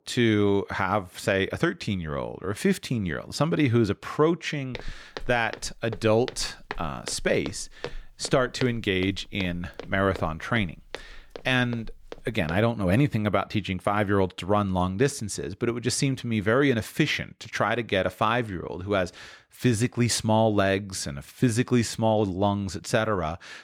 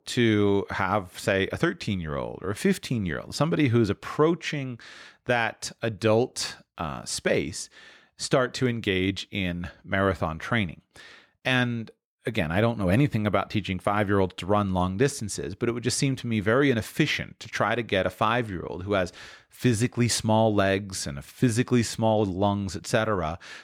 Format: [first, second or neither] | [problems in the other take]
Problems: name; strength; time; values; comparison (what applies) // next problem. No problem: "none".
second | footsteps; faint; from 4.5 to 13 s; peak 10 dB below the speech